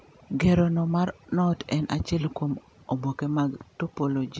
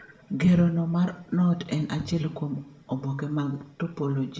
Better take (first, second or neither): first